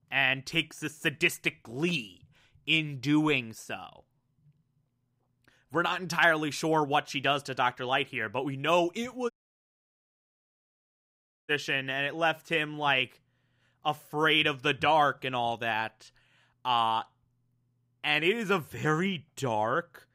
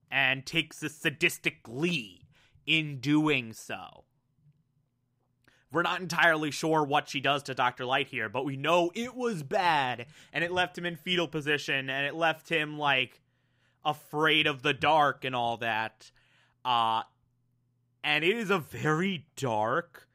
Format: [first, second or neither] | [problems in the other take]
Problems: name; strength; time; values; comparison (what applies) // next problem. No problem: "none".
second | audio cutting out; at 9.5 s for 2 s